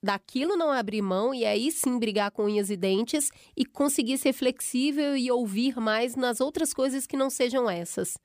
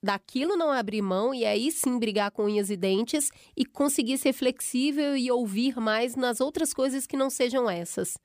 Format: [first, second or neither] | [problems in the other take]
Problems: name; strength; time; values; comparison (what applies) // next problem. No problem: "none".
neither | none